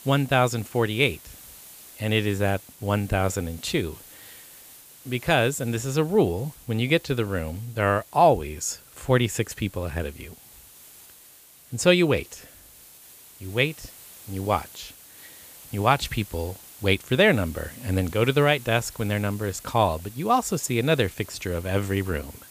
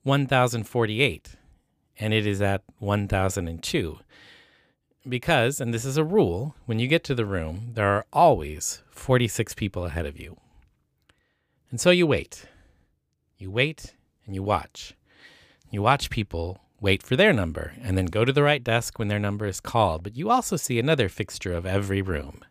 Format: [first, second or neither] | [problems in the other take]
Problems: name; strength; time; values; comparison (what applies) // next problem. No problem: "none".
second | hiss; faint; throughout; 20 dB below the speech